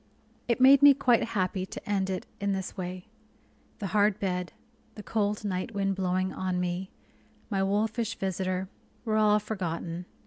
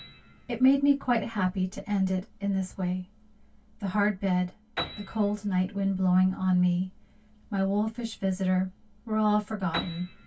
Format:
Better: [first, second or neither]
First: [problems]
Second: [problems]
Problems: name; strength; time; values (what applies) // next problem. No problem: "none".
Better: first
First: none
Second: background sound (Piano); 18 dB below the speech // room echo; dies away in 0.1 s